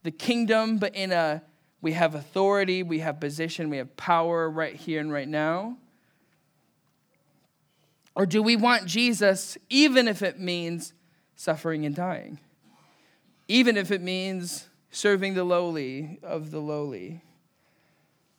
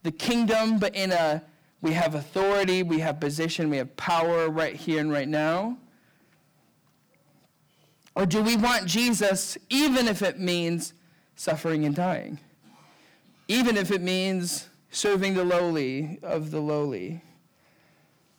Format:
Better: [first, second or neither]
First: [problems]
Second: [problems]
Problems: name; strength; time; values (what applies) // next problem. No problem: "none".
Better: first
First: none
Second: distortion; heavy; 11% of the sound clipped